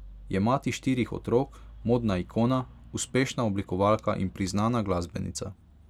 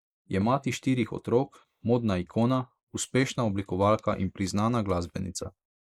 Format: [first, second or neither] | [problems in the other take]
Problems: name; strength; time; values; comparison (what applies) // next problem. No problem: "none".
first | noise reduction (neural mask model Resemble Enhance denoiser)